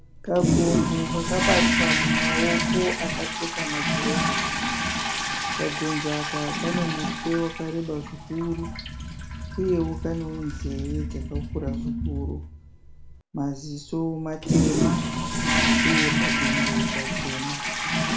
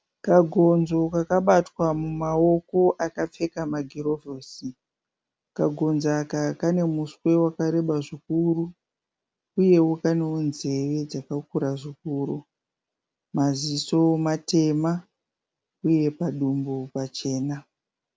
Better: second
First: background sound (Toilet flush); 4 dB above the speech // room echo; dies away in 0.4 s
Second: none

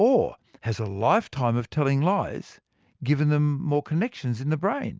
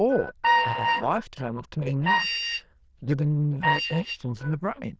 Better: first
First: none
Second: noise reduction (neural diffusion model UNIVERSE++)

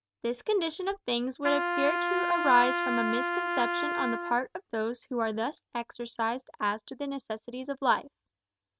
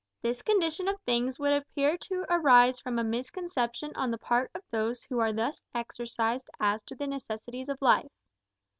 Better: second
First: noise reduction (neural mask model RNNoise)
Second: none

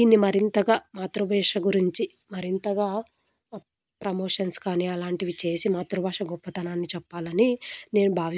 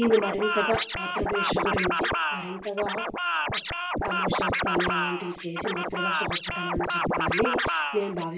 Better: first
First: none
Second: background sound (Scratching (performance technique)); 2 dB above the speech // room echo; dies away in 0.3 s

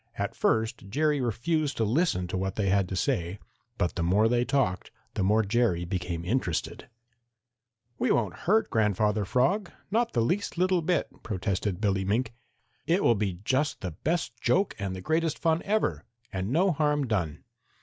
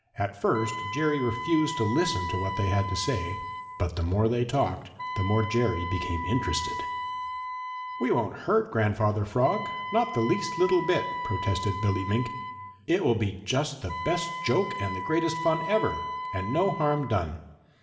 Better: first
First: none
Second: background sound (Wind instrument, woodwind instrument); 7 dB below the speech // room echo; dies away in 1.1 s

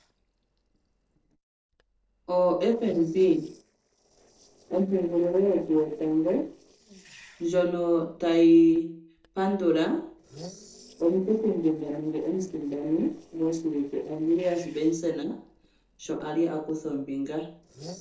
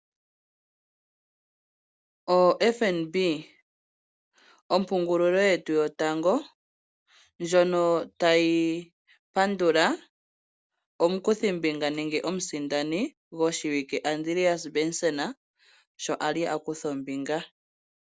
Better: second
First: noise reduction (neural separator model SepFormer DNS4)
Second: none

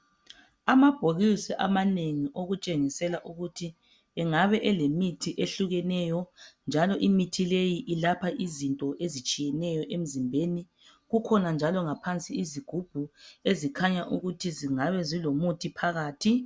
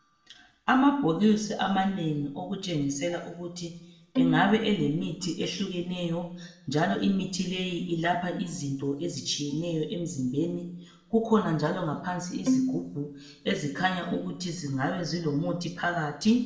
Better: first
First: none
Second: background sound (Bowed string instrument); 1 dB below the speech // room echo; dies away in 0.6 s

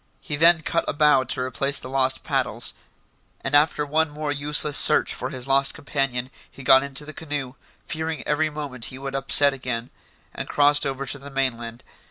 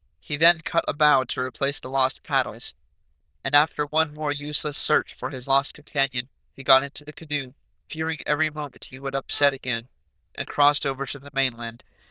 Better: first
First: none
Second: noise reduction (neural diffusion model UNIVERSE++)

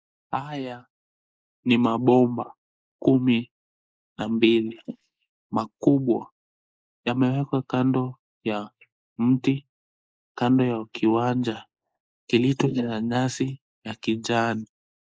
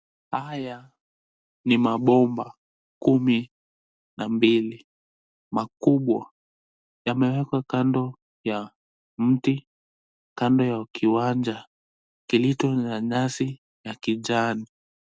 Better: second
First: noise reduction (neural mask model Resemble Enhance denoiser)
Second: none

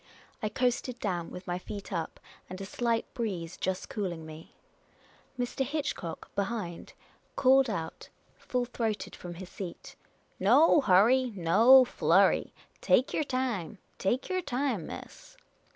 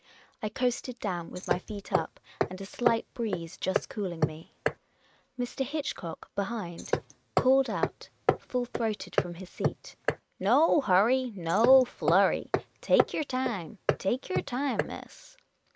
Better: first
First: none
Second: noise reduction (neural mask model RNNoise)

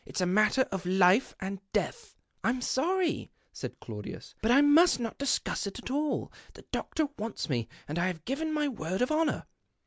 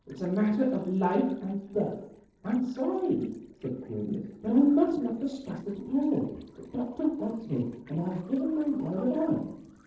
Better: first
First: none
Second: noise reduction (neural separator model SepFormer DNS4)

